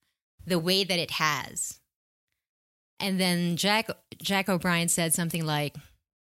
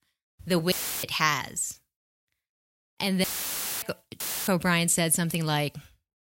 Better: first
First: none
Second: audio cutting out; filled with static; at 0.5 s, at 3 s for 0.5 s and at 4 s

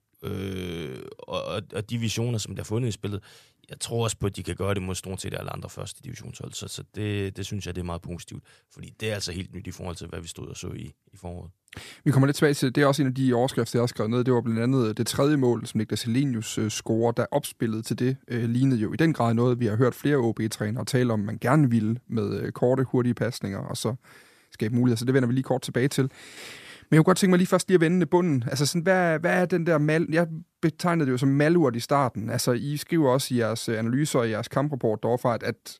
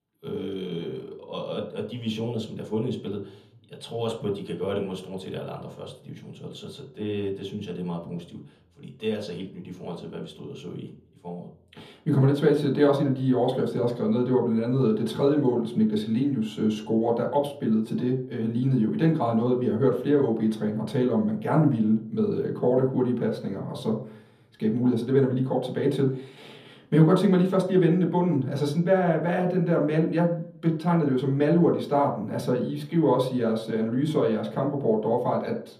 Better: first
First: none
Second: room echo; slight; dies away in 0.7 s // off-mic speech; far

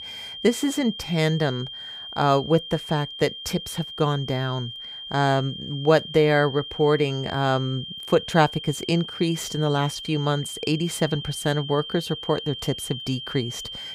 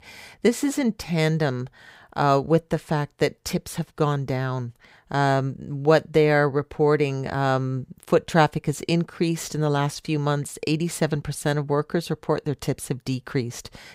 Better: second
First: high-pitched whine; loud; throughout; 3 kHz, 10 dB below the speech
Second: none

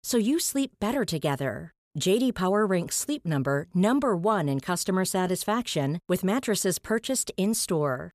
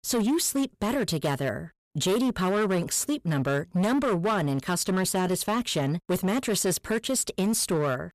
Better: first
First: none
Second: distortion; slight; 15% of the sound clipped

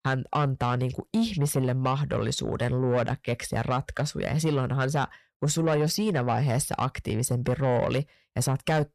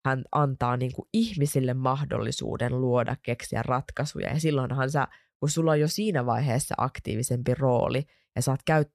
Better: second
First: distortion; slight; 10 dB below the speech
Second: none

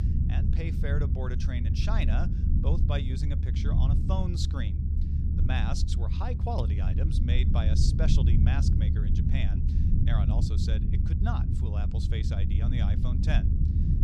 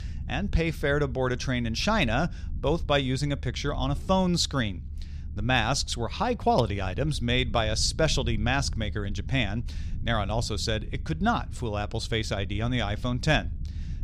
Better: second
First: low rumble; loud; throughout; 2 dB below the speech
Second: low rumble; faint; throughout; 25 dB below the speech

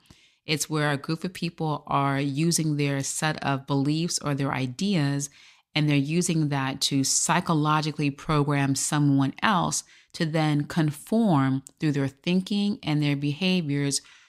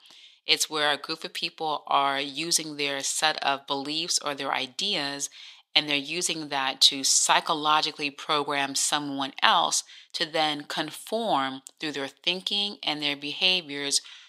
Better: first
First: none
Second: thin; very; fading below 550 Hz

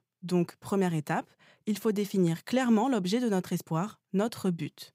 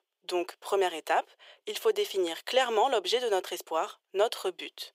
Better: first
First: none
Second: thin; very; fading below 400 Hz

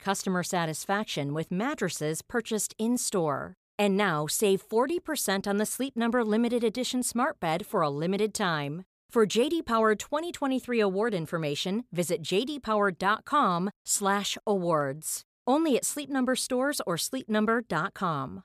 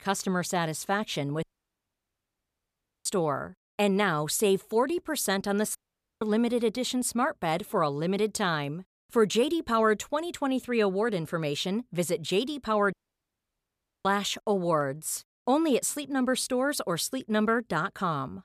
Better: first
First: none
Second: audio cutting out; at 1.5 s for 1.5 s, at 6 s and at 13 s for 1 s

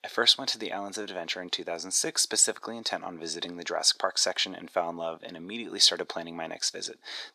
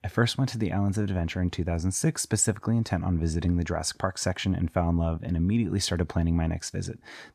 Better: second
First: thin; very; fading below 400 Hz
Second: none

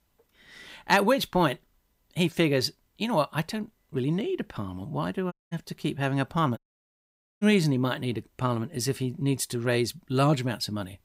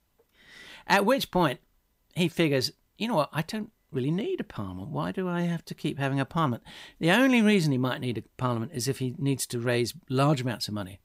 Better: second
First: audio cutting out; at 5.5 s and at 6.5 s for 1 s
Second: none

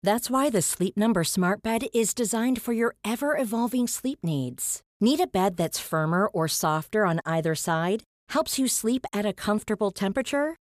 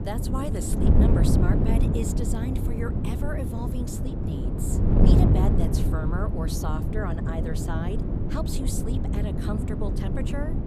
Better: first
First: none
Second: wind noise on the microphone; heavy; 2 dB above the speech

